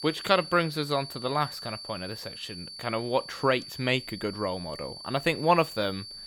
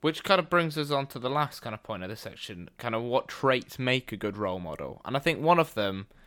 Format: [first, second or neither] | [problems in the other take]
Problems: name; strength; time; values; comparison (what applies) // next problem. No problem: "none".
second | high-pitched whine; noticeable; throughout; 4.5 kHz, 10 dB below the speech